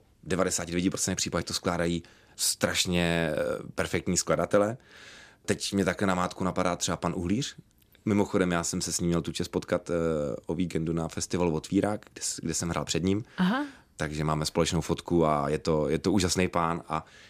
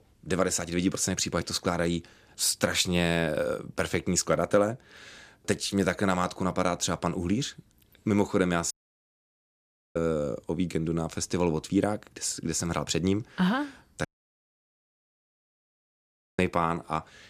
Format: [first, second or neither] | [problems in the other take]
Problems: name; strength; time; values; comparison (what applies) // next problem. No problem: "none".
first | audio cutting out; at 8.5 s for 1 s and at 14 s for 2.5 s